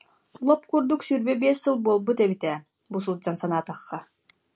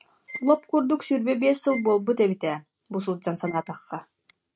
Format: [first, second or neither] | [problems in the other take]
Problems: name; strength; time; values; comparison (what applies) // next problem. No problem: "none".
first | noise reduction (neural mask model RNNoise)